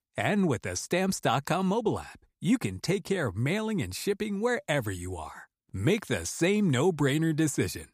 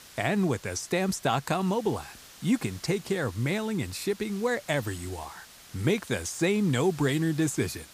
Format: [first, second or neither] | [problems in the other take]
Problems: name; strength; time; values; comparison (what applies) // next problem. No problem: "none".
first | hiss; noticeable; throughout; 20 dB below the speech